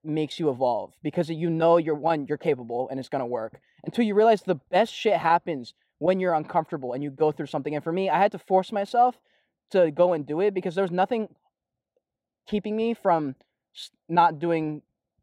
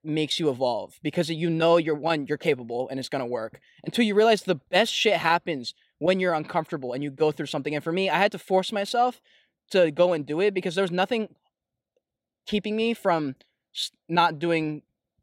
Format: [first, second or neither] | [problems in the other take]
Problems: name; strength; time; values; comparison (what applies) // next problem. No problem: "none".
second | muffled; slightly; fading above 2 kHz